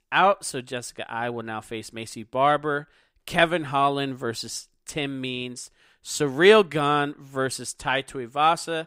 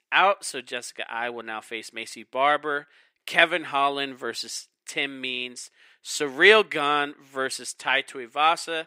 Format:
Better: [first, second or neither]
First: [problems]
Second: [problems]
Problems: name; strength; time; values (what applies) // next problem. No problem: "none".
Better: first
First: none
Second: thin; somewhat; fading below 300 Hz